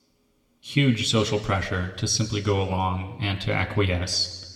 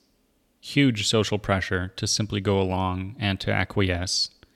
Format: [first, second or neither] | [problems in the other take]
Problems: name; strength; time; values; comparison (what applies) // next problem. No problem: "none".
second | room echo; slight; dies away in 1.2 s